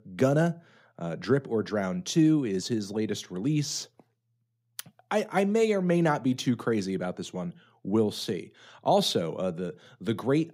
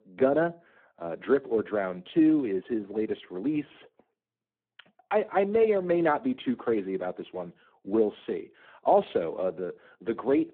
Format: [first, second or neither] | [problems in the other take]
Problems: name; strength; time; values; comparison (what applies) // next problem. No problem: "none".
first | phone-call audio; poor line